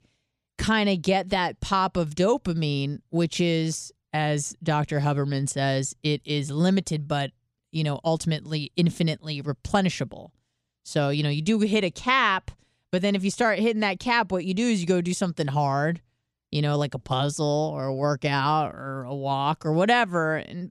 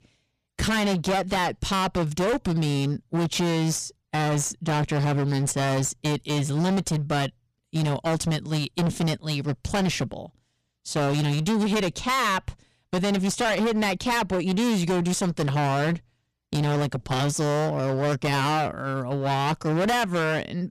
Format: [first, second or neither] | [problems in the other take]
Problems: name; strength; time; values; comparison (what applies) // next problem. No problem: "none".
first | distortion; heavy; 29% of the sound clipped